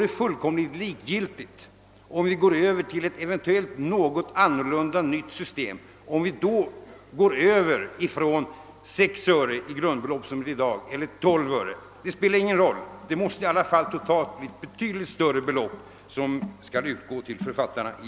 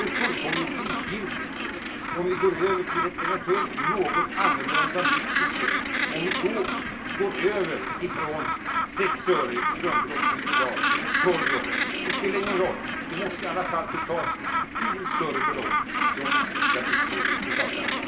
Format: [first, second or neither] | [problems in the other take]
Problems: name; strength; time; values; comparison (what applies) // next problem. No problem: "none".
first | background sound (Gull, seagull); 3 dB above the speech // room echo; dies away in 0.3 s